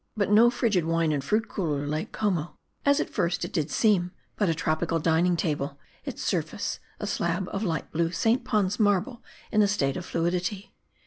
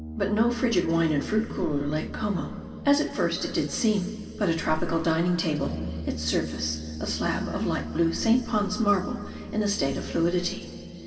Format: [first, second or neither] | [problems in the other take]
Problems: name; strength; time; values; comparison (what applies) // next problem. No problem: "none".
first | background sound (Brass instrument); 12 dB below the speech // room echo; dies away in 2.5 s